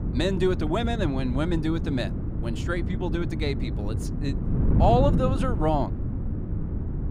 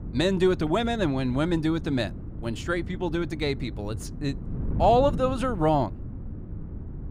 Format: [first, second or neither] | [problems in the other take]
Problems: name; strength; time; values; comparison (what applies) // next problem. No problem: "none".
second | wind noise on the microphone; heavy; 10 dB below the speech; occasional gusts in the second